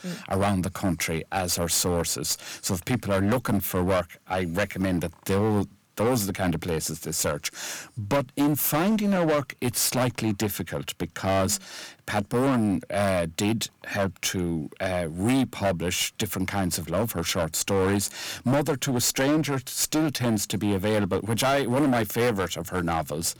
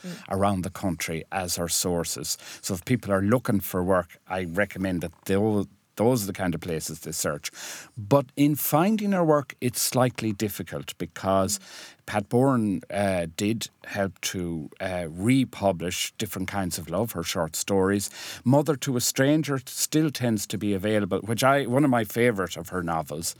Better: second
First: distortion; heavy; 12% of the sound clipped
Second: none

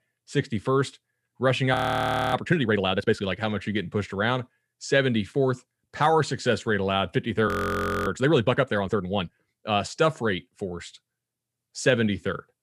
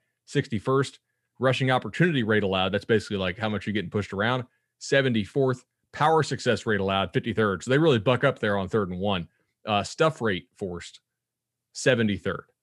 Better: second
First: audio freezing; at 1.5 s for 0.5 s and at 7.5 s for 0.5 s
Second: none

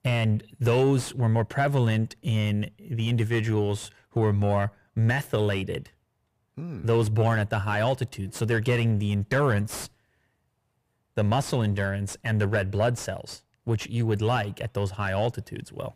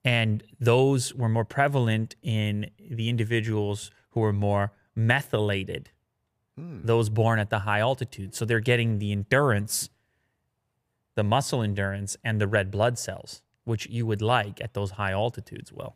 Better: second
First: distortion; slight; 10 dB below the speech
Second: none

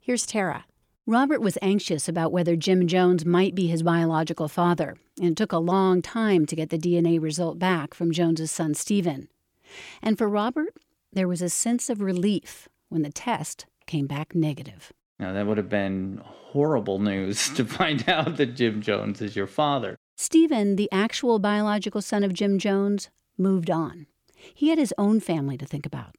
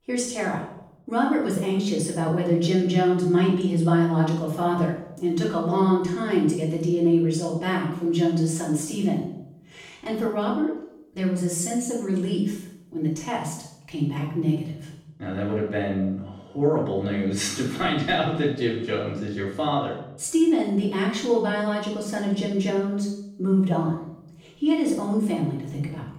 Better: first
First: none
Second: off-mic speech; far // room echo; noticeable; dies away in 0.7 s

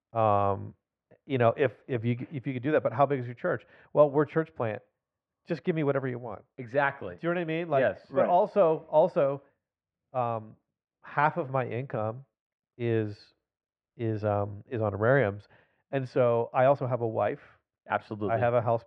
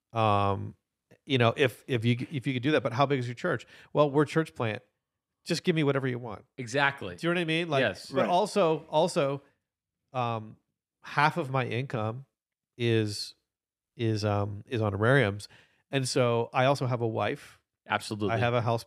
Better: second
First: muffled; very; fading above 1.5 kHz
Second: none

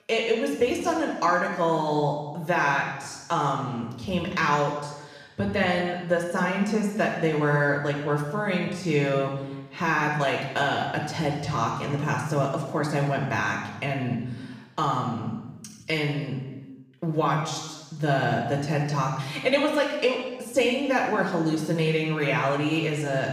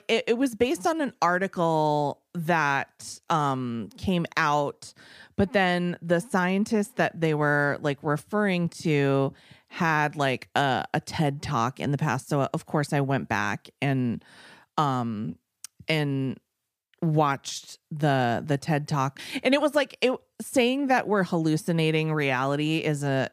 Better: second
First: room echo; noticeable; dies away in 1.1 s // off-mic speech; far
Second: none

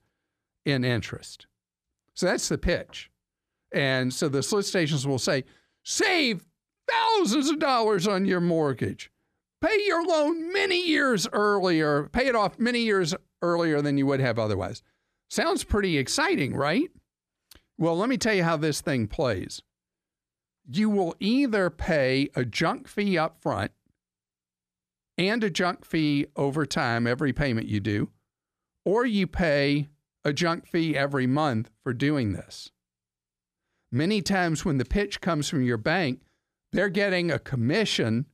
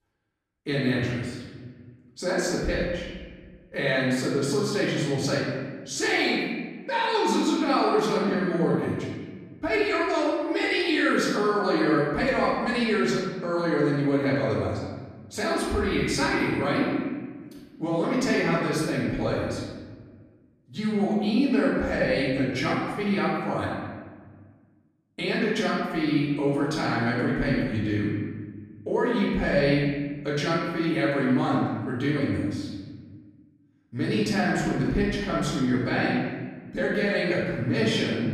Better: first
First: none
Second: room echo; noticeable; dies away in 1.3 s // off-mic speech; far

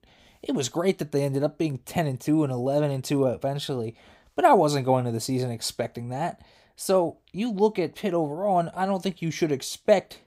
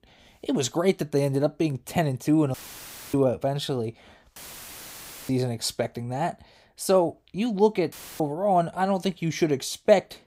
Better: first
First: none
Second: audio cutting out; filled with static; at 2.5 s for 0.5 s, at 4.5 s for 1 s and at 8 s

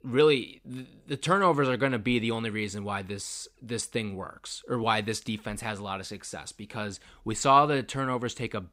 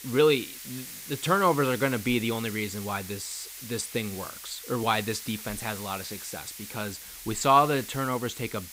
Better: first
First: none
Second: hiss; noticeable; throughout; 10 dB below the speech

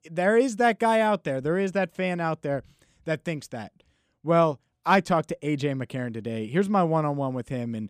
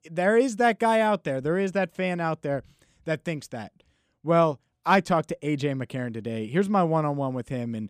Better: neither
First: none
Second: none

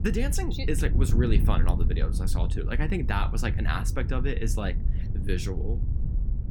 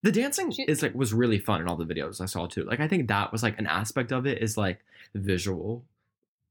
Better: second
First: wind noise on the microphone; occasional gusts; 10 dB below the speech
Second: none

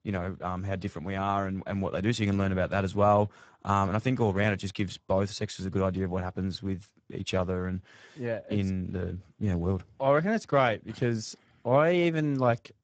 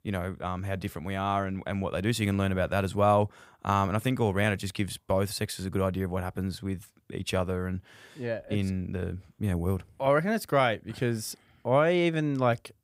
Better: second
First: garbled, watery; badly; nothing above 7.5 kHz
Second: none

